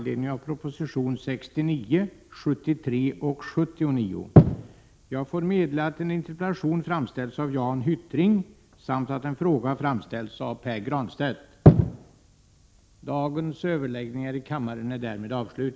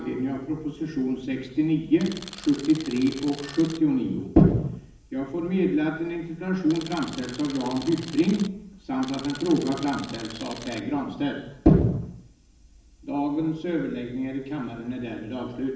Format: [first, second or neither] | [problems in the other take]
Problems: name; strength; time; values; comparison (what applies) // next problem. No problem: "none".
first | background sound (Tools); 15 dB below the speech // room echo; dies away in 0.8 s